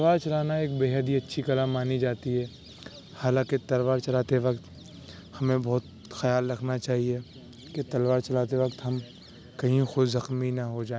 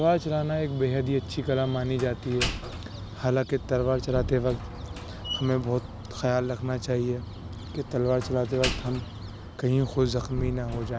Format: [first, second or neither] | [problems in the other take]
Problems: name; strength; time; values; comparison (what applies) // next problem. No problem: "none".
first | background sound (Slam); 8 dB below the speech